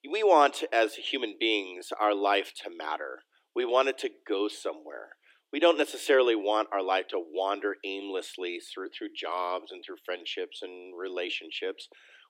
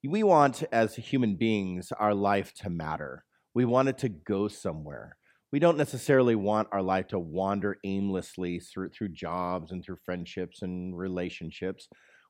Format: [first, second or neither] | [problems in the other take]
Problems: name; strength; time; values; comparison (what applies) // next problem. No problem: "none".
second | thin; very; fading below 300 Hz